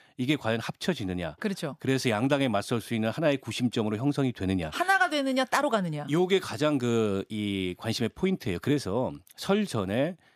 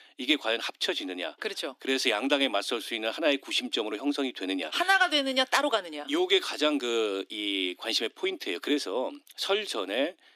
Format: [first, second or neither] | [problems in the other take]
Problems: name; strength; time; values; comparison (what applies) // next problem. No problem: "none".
first | thin; very slightly; fading below 300 Hz